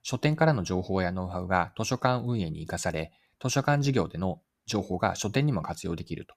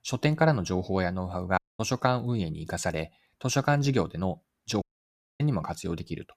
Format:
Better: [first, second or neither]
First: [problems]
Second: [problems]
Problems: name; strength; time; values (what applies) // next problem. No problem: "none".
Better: first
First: none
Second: audio cutting out; at 1.5 s and at 5 s for 0.5 s